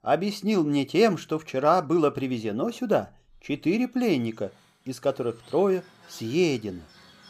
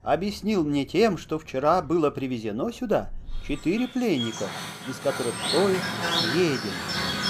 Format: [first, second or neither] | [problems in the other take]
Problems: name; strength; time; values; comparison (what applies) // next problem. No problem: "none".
first | animal sounds; loud; throughout; 3 dB below the speech; faint in the first